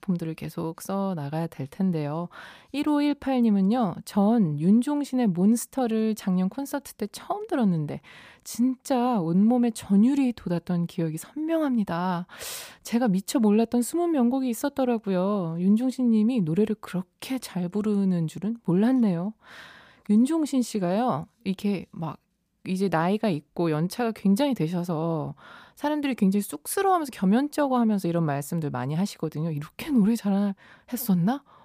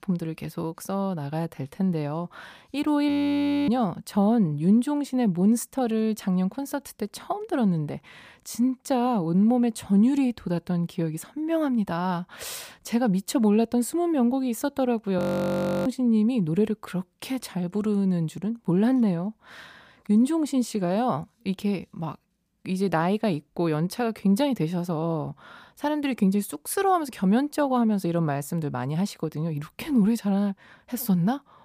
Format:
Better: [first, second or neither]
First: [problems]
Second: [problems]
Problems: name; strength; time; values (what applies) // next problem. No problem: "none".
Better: first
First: none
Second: audio freezing; at 3 s for 0.5 s and at 15 s for 0.5 s